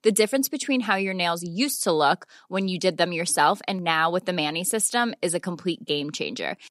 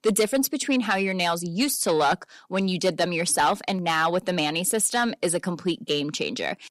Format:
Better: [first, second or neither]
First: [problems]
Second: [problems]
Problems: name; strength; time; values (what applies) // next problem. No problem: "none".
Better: first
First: none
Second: distortion; slight; 10 dB below the speech